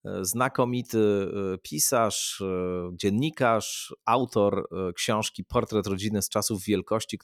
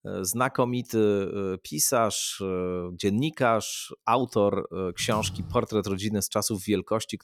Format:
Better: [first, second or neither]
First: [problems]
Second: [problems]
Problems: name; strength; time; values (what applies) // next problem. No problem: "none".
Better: first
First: none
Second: keyboard typing; noticeable; at 5 s; peak 10 dB below the speech